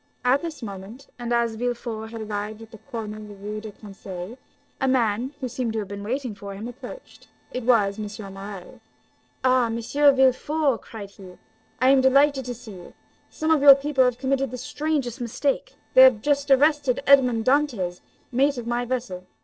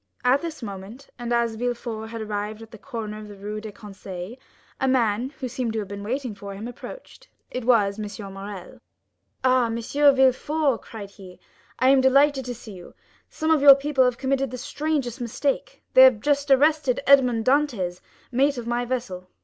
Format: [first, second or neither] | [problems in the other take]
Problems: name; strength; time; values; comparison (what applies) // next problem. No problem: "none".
second | noise reduction (neural separator model SepFormer DNS4)